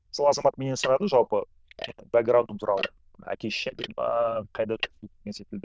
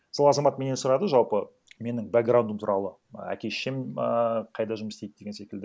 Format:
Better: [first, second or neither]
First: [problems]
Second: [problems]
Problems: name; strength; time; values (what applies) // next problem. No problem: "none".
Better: second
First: noise reduction (neural diffusion model UNIVERSE++)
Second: none